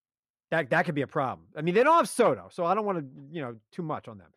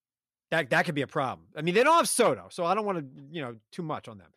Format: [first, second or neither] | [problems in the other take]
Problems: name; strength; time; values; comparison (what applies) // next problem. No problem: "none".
second | muffled; slightly; fading above 2.5 kHz